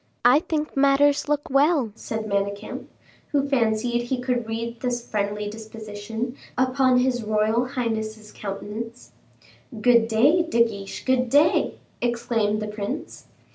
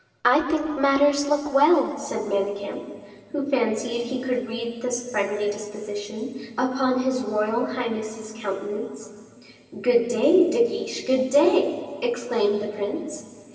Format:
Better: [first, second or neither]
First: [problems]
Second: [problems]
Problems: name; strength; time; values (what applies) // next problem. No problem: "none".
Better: first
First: none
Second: room echo; dies away in 2.5 s